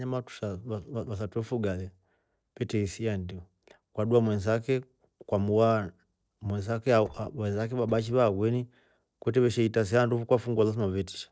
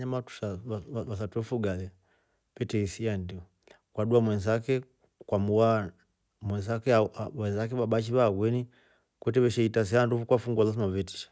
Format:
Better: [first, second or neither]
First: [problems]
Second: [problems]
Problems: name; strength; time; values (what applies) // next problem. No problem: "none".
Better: second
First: noise reduction (neural separator model SepFormer DNS4)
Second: none